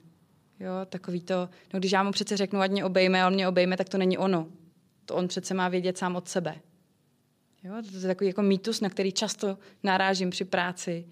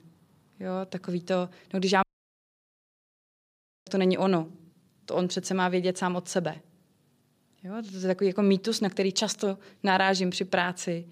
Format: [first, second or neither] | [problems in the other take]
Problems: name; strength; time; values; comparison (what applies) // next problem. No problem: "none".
first | audio cutting out; at 2 s for 2 s